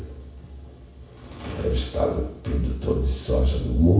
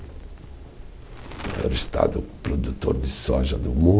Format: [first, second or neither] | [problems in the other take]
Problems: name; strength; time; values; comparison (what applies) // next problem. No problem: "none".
second | room echo; dies away in 0.7 s